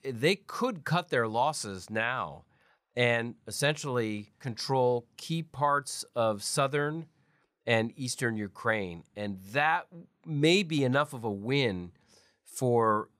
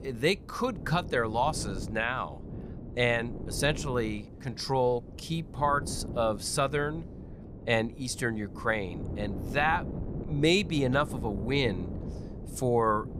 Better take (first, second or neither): first